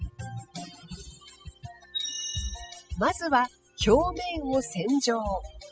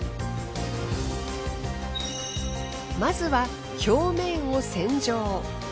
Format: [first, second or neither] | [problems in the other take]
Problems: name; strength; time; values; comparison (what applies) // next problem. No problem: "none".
second | noise reduction (classical method spectral subtraction)